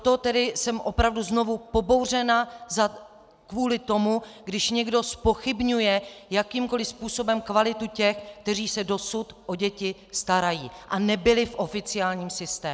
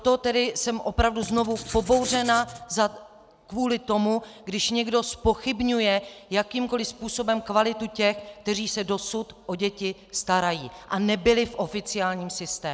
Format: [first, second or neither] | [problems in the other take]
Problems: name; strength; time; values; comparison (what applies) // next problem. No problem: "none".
first | background sound (Writing); 12 dB below the speech